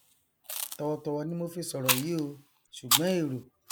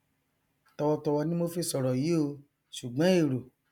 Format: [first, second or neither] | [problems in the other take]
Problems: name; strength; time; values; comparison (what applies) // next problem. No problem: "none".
second | background sound (Chewing, mastication); 1 dB below the speech